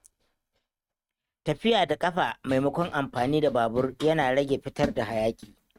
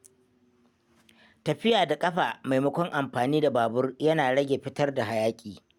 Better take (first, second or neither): second